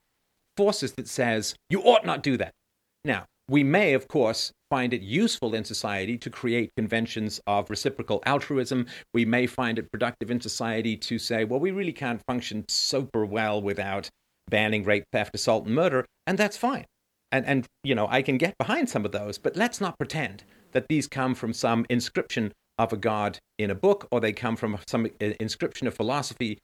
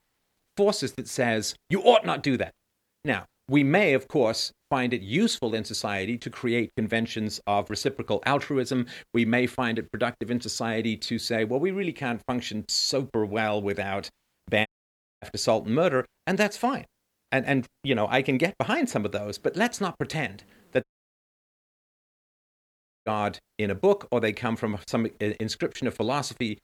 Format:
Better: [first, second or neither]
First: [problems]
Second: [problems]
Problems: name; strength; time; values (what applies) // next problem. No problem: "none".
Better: first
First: none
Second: audio cutting out; at 15 s for 0.5 s and at 21 s for 2 s